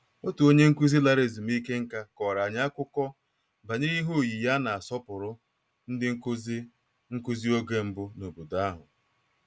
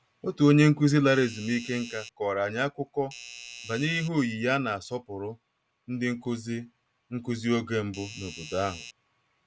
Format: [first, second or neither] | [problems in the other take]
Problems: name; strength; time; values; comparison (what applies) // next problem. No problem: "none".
first | background sound (Doorbell); 16 dB below the speech